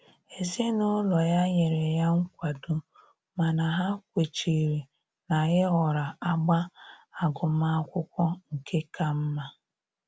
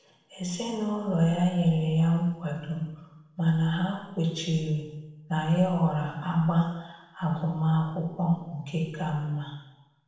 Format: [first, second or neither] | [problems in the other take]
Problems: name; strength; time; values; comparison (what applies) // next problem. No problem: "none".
first | room echo; dies away in 0.9 s